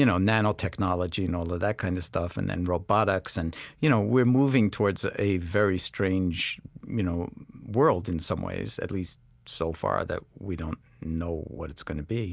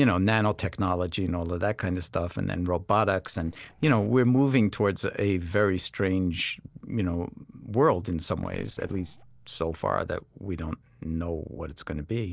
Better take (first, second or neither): first